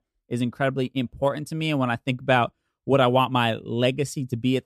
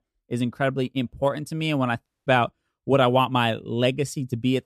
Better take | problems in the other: first | audio cutting out; at 2 s

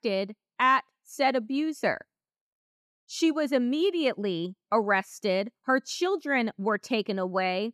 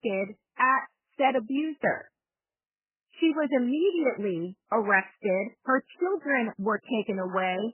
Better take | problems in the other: first | garbled, watery; badly; nothing above 3 kHz

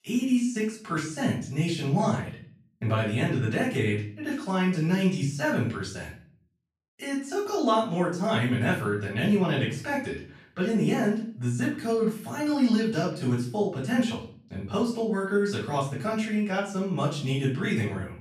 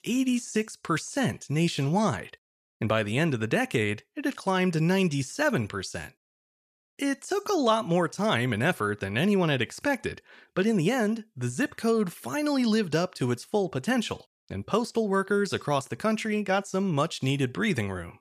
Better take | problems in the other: second | off-mic speech; far // room echo; slight; dies away in 0.4 s

